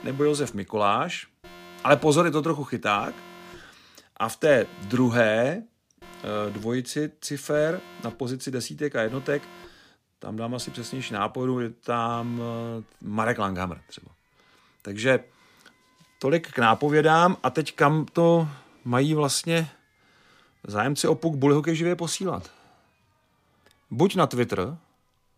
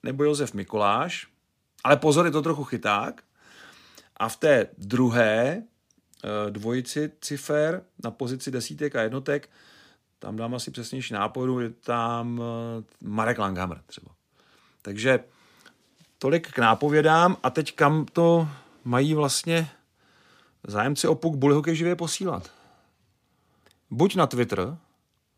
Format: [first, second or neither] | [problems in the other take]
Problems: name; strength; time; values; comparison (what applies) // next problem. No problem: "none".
second | alarms or sirens; faint; throughout; 25 dB below the speech